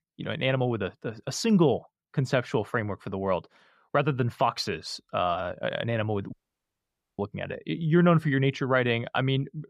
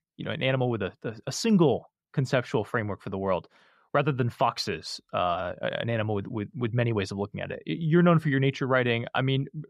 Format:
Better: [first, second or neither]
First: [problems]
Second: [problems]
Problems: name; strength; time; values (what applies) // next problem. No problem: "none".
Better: second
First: audio cutting out; at 6.5 s for 1 s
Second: none